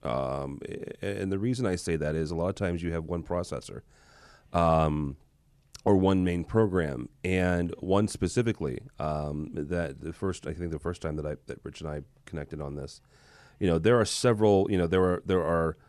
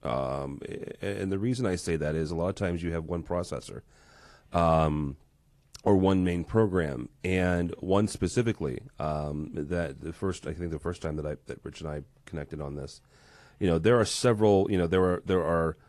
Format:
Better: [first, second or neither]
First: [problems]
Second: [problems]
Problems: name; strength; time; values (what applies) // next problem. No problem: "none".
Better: first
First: none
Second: garbled, watery; slightly